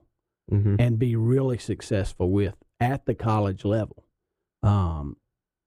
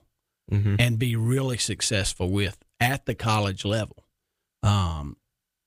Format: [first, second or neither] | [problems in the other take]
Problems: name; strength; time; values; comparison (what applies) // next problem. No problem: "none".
second | muffled; very; fading above 2 kHz